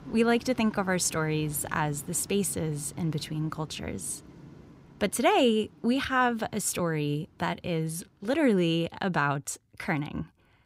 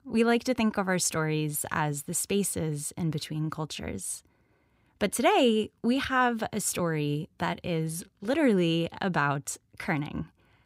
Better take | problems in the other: second | rain or running water; faint; throughout; 20 dB below the speech

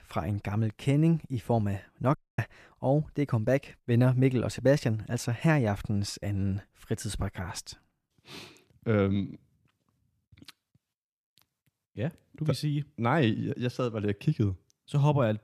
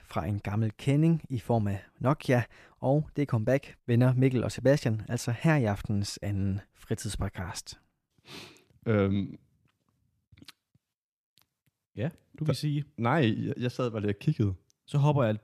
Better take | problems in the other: second | audio cutting out; at 2 s

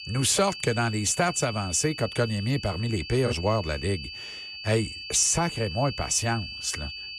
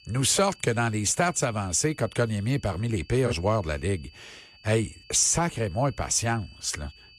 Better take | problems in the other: second | high-pitched whine; loud; throughout; 4.5 kHz, 10 dB below the speech; faint in the second

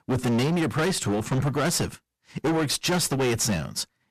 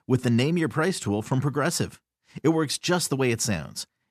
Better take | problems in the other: second | distortion; heavy; 23% of the sound clipped

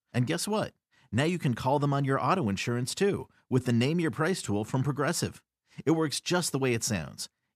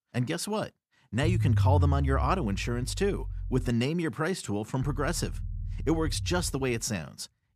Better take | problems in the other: first | low rumble; noticeable; from 1 to 3.5 s and from 5 s on; 15 dB below the speech

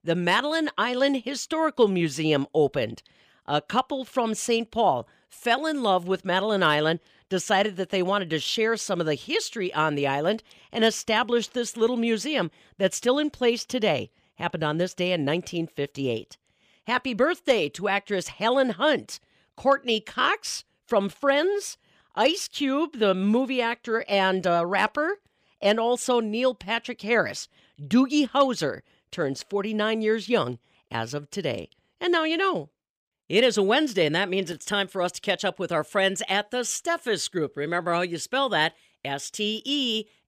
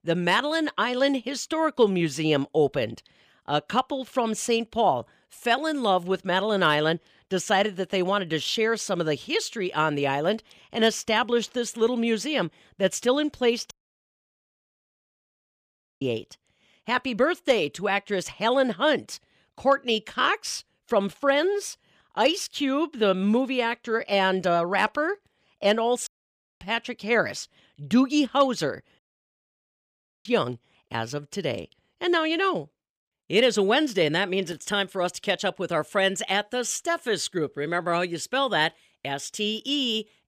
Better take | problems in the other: first | audio cutting out; at 14 s for 2.5 s, at 26 s for 0.5 s and at 29 s for 1.5 s

